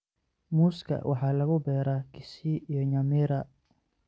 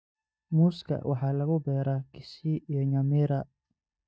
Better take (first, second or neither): first